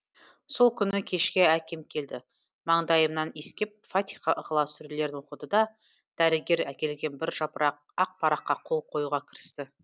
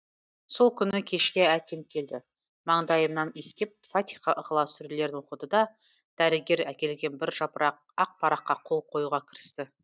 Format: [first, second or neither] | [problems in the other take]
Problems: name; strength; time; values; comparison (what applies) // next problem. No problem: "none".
first | noise reduction (neural mask model DeepFilterNet 3)